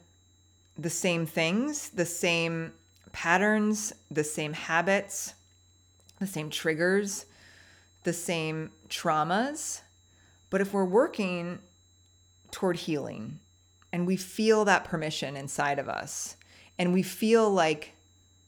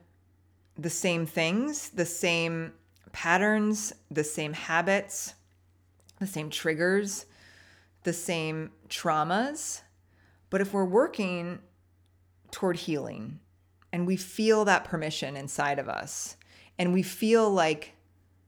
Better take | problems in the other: second | high-pitched whine; faint; throughout; 4 kHz, 35 dB below the speech

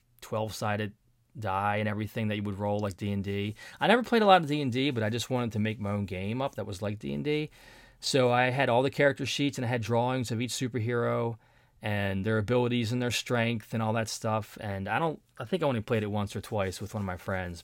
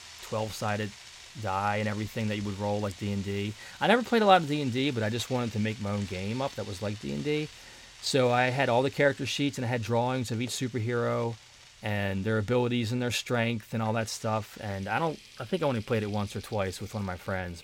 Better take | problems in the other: first | household noises; noticeable; throughout; 20 dB below the speech

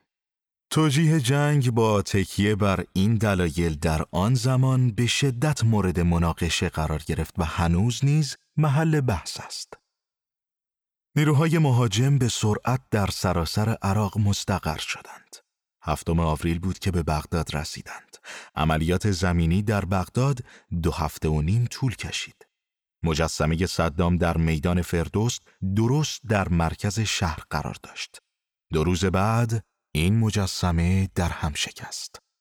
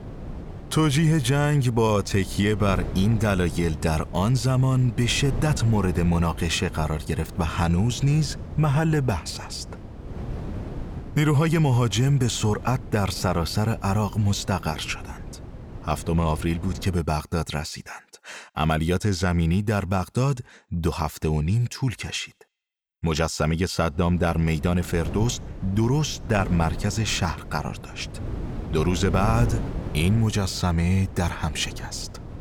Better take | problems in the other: first | wind noise on the microphone; occasional gusts; until 17 s and from 24 s on; 15 dB below the speech

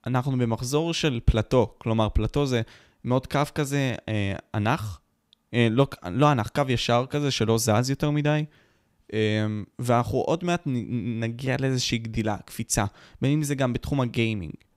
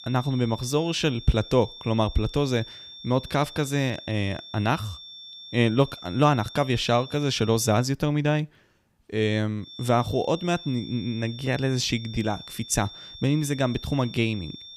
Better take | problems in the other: first | high-pitched whine; noticeable; until 8 s and from 9.5 s on; 3.5 kHz, 15 dB below the speech

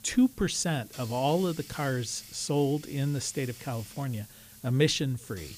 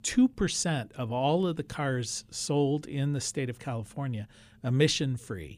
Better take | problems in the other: second | hiss; noticeable; throughout; 15 dB below the speech

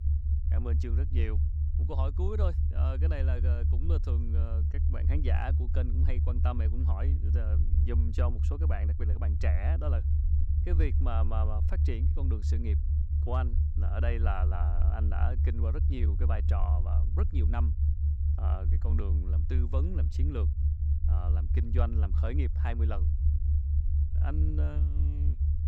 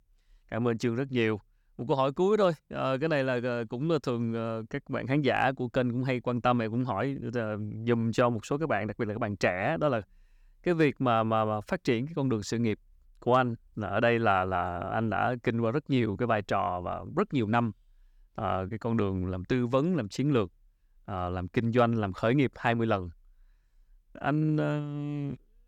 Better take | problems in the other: second | low rumble; loud; throughout; 4 dB below the speech

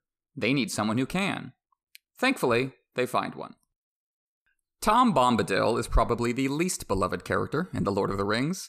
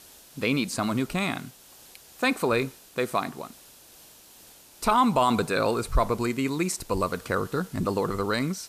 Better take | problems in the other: first | hiss; faint; throughout; 20 dB below the speech

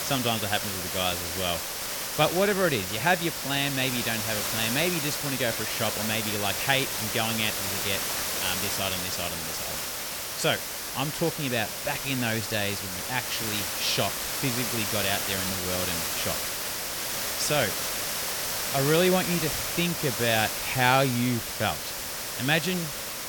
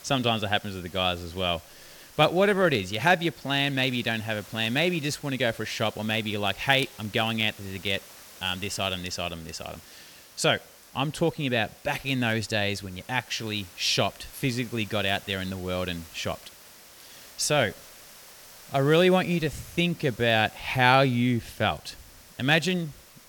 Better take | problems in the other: second | hiss; loud; throughout; 1 dB below the speech; faint in the second

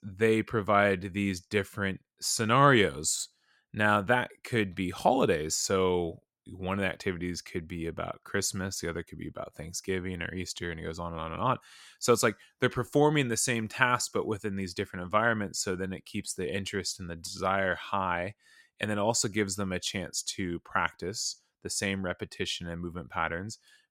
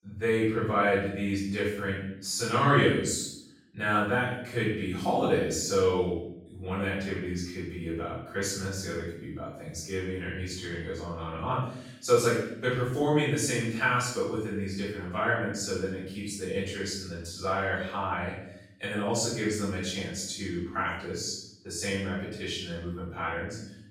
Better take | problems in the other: first | off-mic speech; far // room echo; noticeable; dies away in 0.7 s

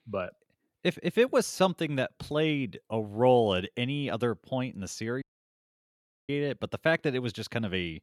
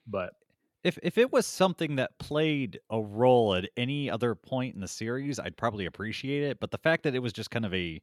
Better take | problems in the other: second | audio cutting out; at 5 s for 1 s

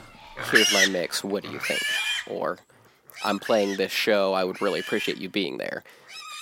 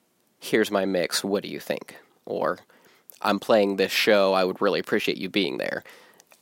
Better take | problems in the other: second | animal sounds; very loud; throughout; 2 dB above the speech

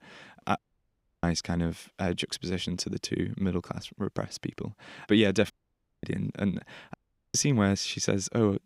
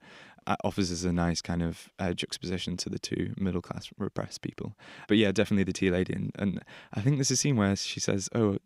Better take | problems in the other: second | audio cutting out; at 0.5 s for 0.5 s, at 5.5 s for 0.5 s and at 7 s

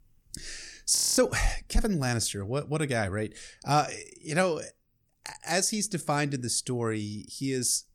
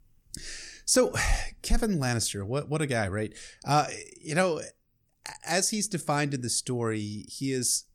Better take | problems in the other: second | audio freezing; at 1 s

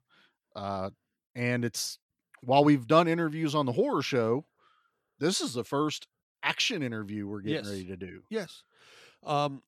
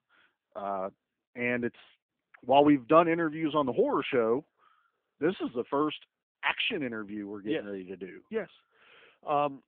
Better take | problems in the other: first | phone-call audio

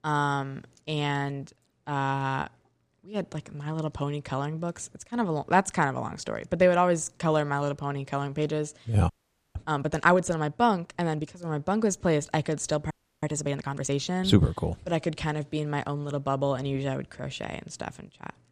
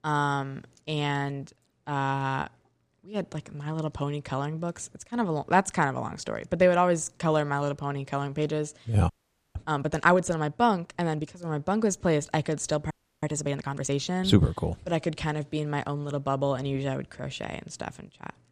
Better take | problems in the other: neither | audio freezing; at 9 s and at 13 s; the same in both

